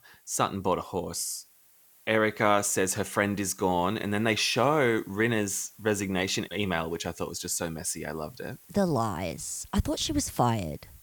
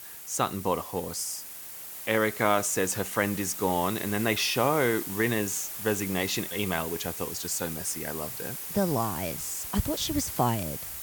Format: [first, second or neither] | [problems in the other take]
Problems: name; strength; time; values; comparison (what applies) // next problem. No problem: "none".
first | hiss; loud; throughout; 6 dB below the speech; faint in the first